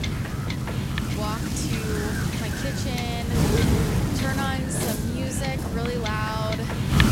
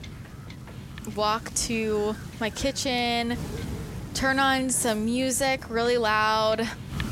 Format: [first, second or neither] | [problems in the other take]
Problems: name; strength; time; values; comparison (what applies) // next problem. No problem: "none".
second | wind noise on the microphone; heavy; 1 dB above the speech; occasional gusts in the second